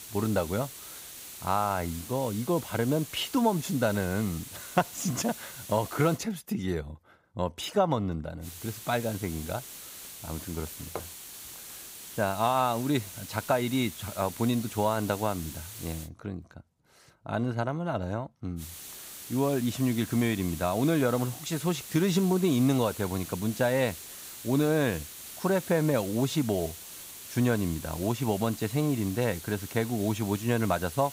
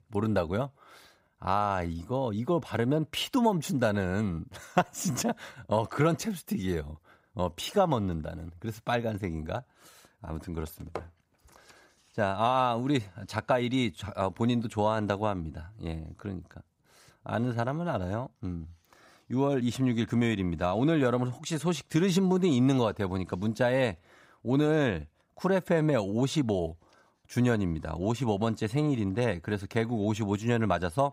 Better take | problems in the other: second | hiss; noticeable; until 6 s, from 8.5 to 16 s and from 19 s on; 10 dB below the speech

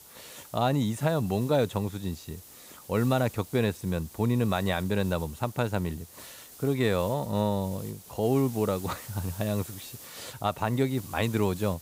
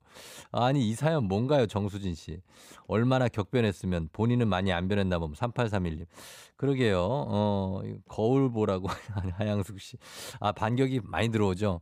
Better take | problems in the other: second | hiss; noticeable; throughout; 15 dB below the speech

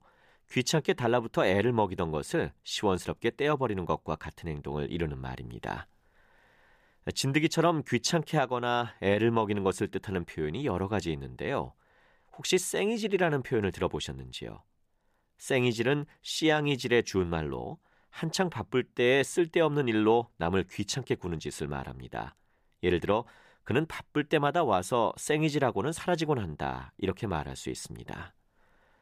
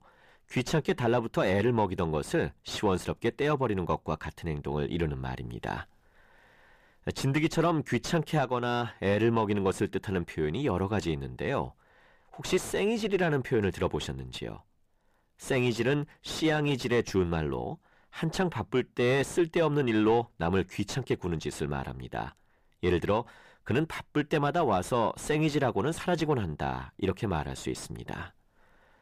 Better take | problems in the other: first | distortion; slight; 10 dB below the speech

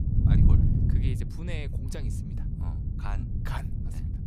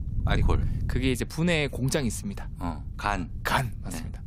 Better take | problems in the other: second | wind noise on the microphone; heavy; 3 dB above the speech; occasional gusts in the second

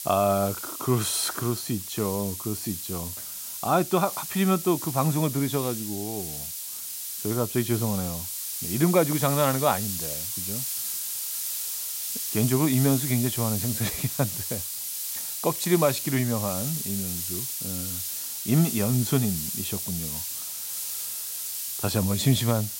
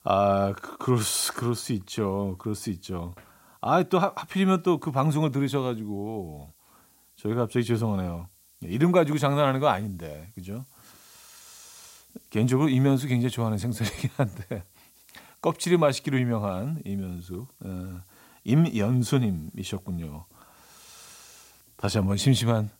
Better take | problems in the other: second | hiss; loud; throughout; 3 dB below the speech; faint in the second

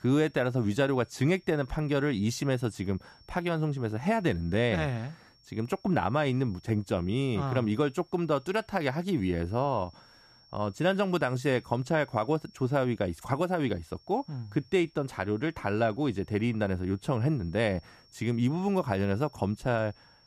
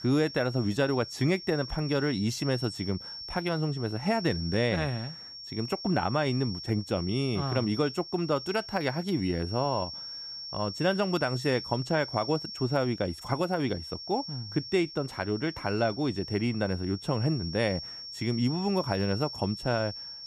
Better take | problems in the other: first | high-pitched whine; loud; throughout; 5.5 kHz, 9 dB below the speech; faint in the first

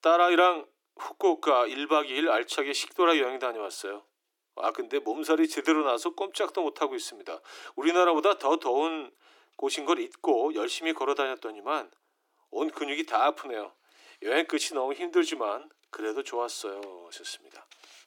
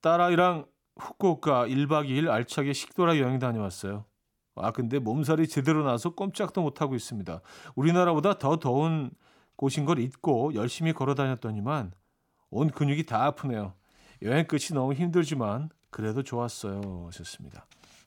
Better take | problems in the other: second | thin; very; fading below 300 Hz

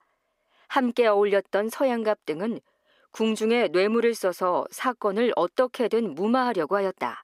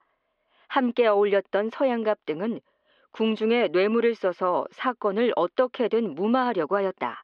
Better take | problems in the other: first | muffled; slightly; fading above 3.5 kHz

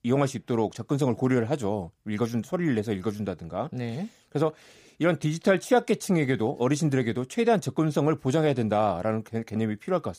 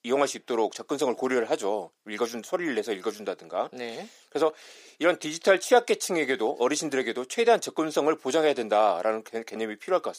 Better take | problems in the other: first | thin; somewhat; fading below 350 Hz

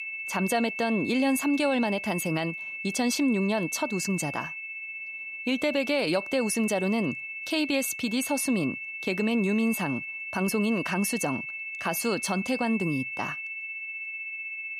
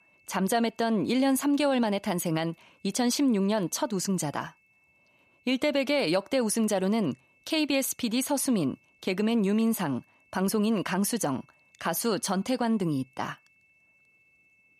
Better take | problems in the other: second | high-pitched whine; loud; throughout; 2.5 kHz, 6 dB below the speech; faint in the second

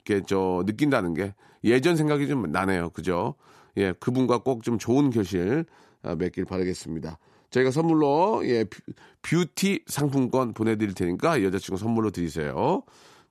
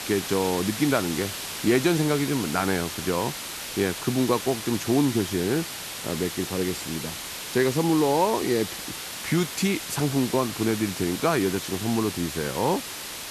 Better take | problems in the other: first | hiss; loud; throughout; 7 dB below the speech

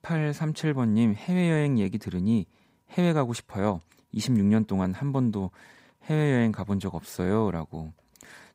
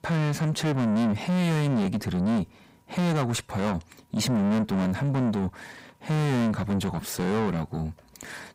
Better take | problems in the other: first | distortion; heavy; 6 dB below the speech

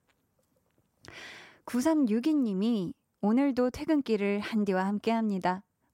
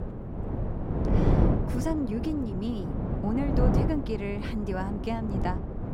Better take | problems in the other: first | wind noise on the microphone; heavy; 1 dB below the speech

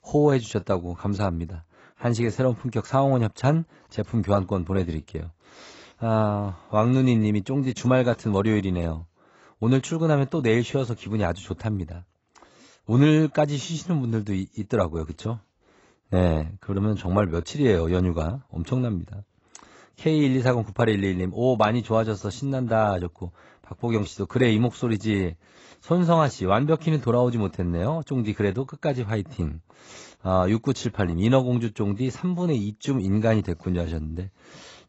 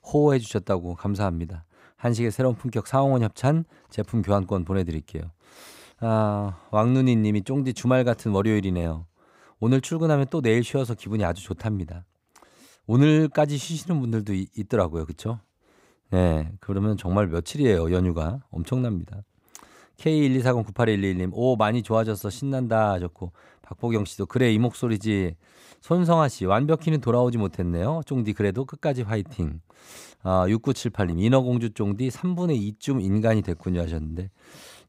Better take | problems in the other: second | garbled, watery; badly; nothing above 8 kHz

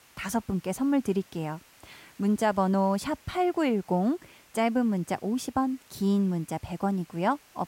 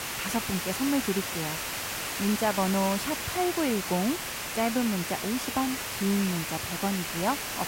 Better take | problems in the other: first | hiss; loud; throughout; 2 dB below the speech; faint in the first

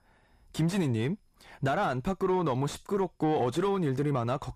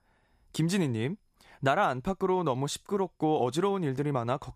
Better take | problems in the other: second | distortion; slight; 9 dB below the speech

